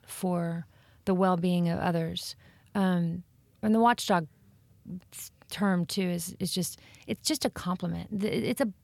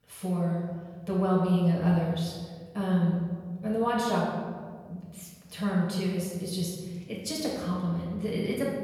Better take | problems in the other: first | off-mic speech; far // room echo; noticeable; dies away in 1.6 s

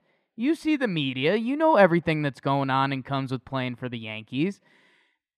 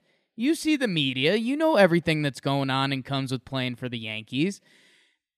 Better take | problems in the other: second | muffled; slightly; fading above 3.5 kHz

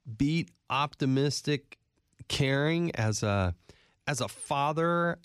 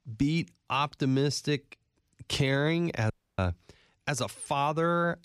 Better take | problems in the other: first | audio cutting out; at 3 s

